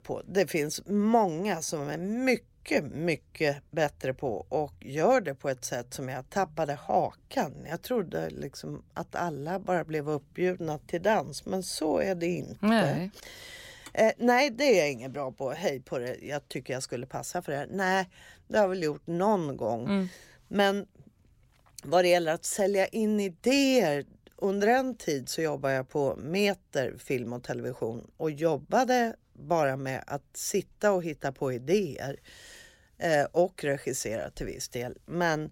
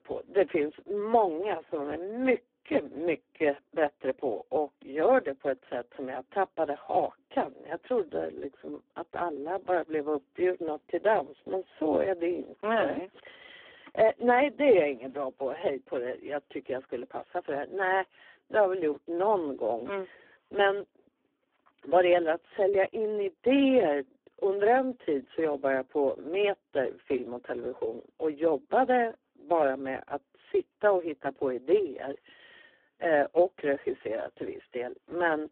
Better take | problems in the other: first | phone-call audio; poor line

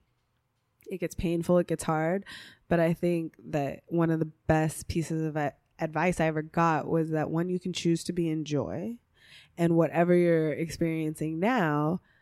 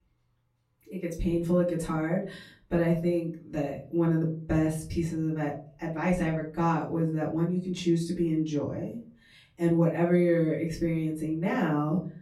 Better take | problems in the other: first | off-mic speech; far // room echo; slight; dies away in 0.4 s

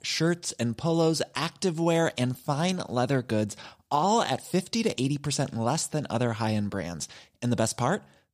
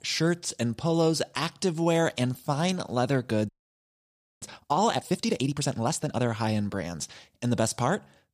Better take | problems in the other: first | audio freezing; at 3.5 s for 1 s

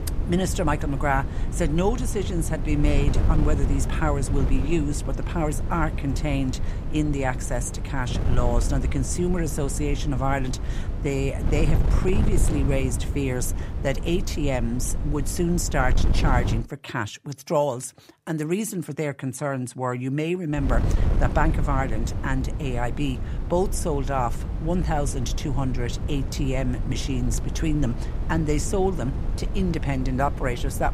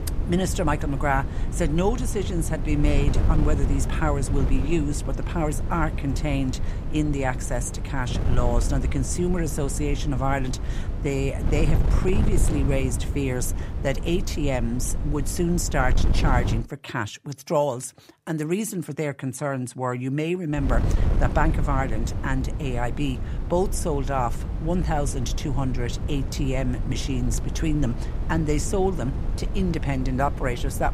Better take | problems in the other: neither | wind noise on the microphone; occasional gusts; until 17 s and from 21 s on; 10 dB below the speech; the same in both

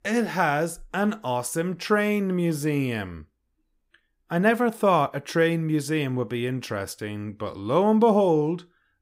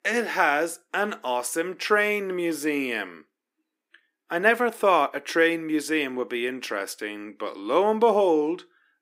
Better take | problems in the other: first | thin; somewhat; fading below 300 Hz

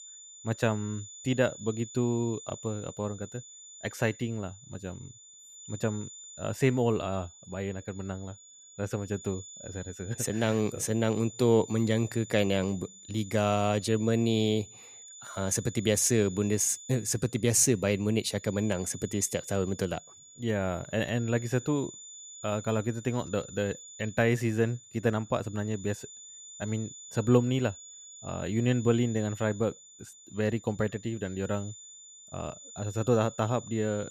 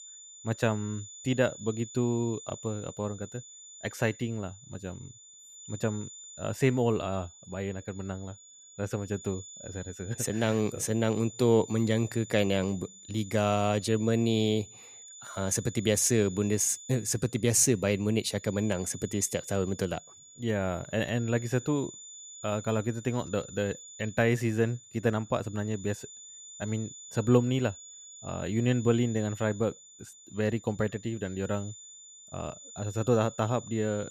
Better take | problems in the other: neither | high-pitched whine; noticeable; throughout; 7 kHz, 15 dB below the speech; the same in both

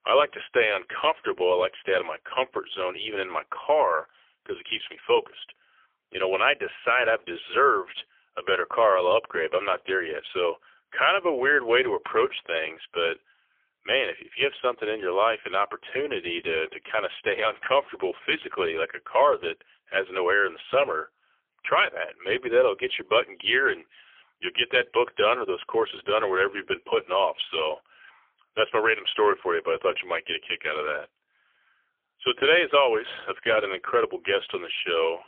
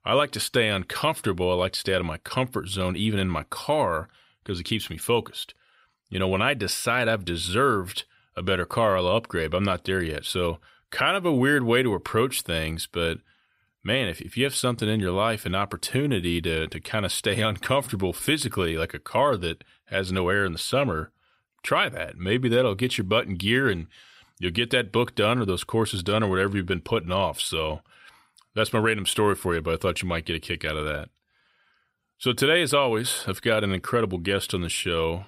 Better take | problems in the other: second | phone-call audio; poor line; nothing above 3.5 kHz

